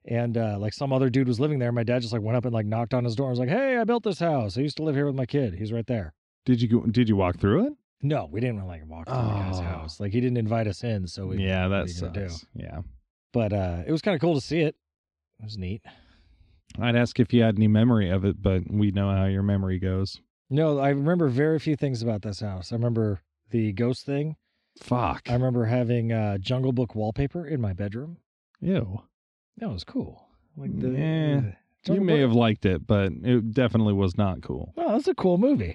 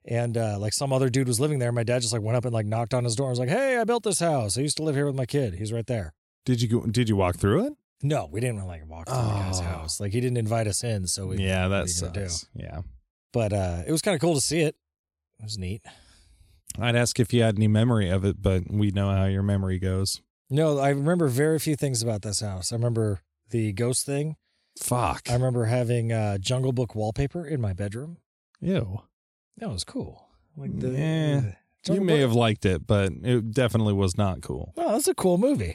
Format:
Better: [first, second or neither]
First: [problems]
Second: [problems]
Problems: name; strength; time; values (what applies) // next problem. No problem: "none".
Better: second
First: muffled; slightly; fading above 4 kHz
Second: none